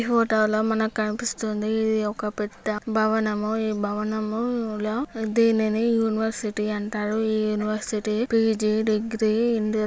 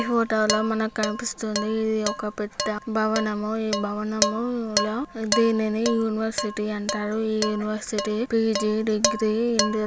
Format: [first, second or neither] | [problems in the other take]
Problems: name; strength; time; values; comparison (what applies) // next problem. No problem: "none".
first | background sound (Dishes, pots, and pans); 6 dB below the speech